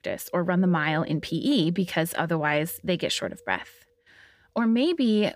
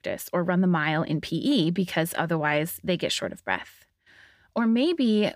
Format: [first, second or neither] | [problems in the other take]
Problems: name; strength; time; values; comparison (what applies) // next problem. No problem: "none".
second | wind noise on the microphone; occasional gusts; 25 dB below the speech